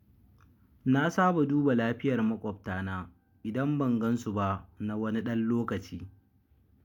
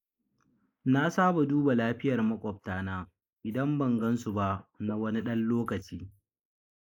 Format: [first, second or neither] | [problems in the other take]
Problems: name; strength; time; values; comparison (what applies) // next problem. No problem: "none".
first | noise reduction (neural mask model Resemble Enhance denoiser)